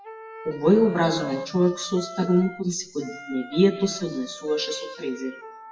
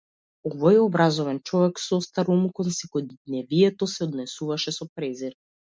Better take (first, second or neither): second